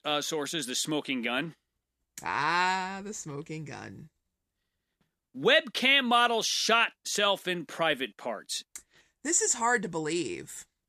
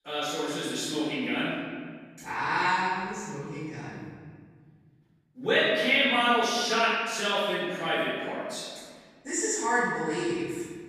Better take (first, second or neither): first